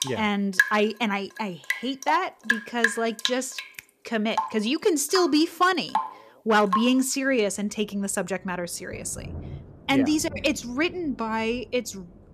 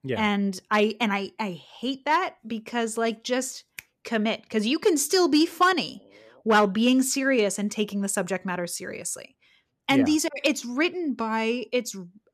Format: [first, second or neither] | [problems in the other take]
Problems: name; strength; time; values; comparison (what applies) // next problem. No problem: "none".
second | rain or running water; loud; throughout; 4 dB below the speech